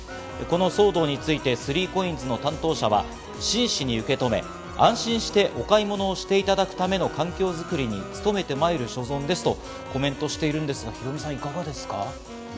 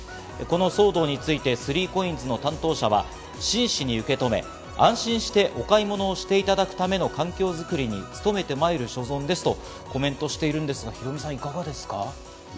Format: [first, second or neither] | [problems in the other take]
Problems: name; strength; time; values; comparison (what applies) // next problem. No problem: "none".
second | background sound (Wind instrument, woodwind instrument); 16 dB below the speech